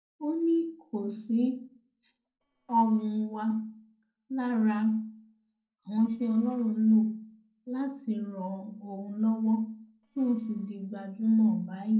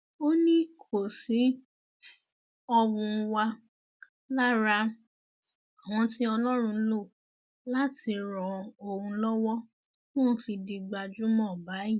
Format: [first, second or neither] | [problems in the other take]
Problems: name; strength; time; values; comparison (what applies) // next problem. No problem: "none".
second | noise reduction (neural separator model SepFormer DNS4)